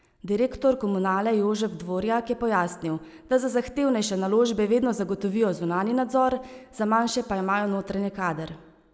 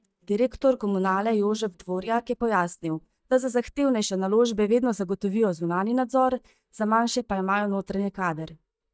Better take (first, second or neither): first